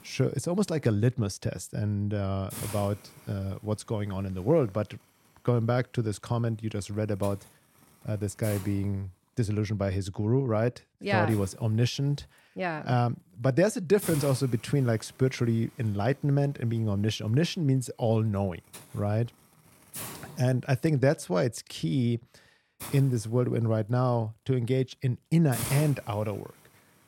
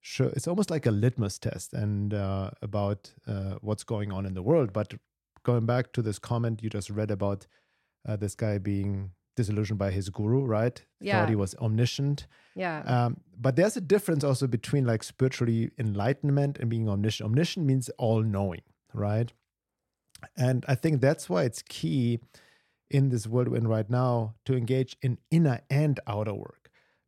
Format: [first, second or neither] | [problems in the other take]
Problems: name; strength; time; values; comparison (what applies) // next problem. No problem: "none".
second | hiss; noticeable; throughout; 15 dB below the speech